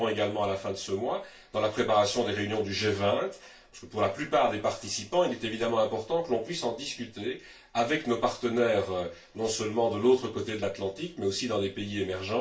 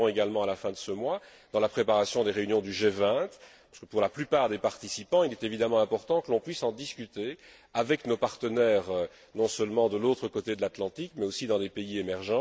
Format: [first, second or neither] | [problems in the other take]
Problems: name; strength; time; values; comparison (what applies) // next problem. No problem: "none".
second | room echo; dies away in 0.3 s